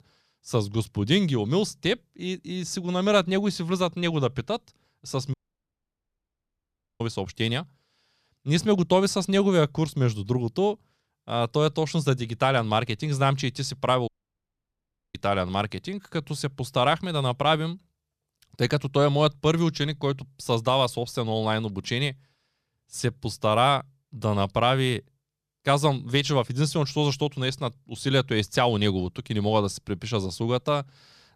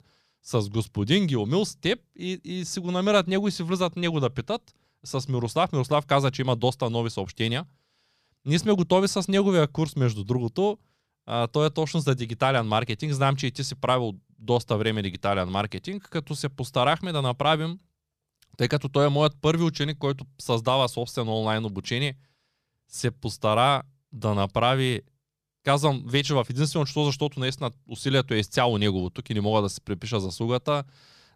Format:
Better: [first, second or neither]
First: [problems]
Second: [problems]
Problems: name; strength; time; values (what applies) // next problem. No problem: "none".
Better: second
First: audio cutting out; at 5.5 s for 1.5 s and at 14 s for 1 s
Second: none